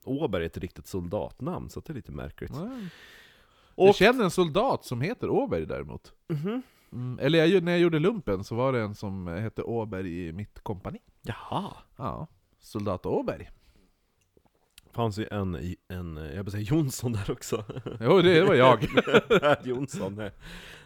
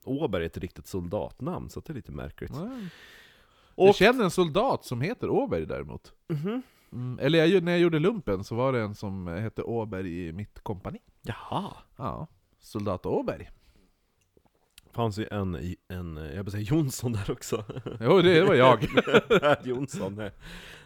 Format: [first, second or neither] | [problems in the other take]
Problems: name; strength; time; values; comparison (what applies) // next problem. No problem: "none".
neither | none